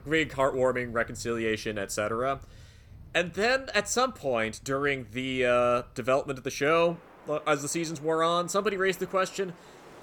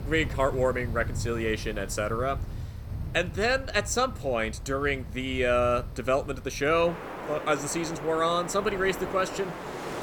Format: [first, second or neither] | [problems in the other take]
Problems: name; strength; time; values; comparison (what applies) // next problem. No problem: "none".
first | wind in the background; loud; throughout; 10 dB below the speech; faint in the first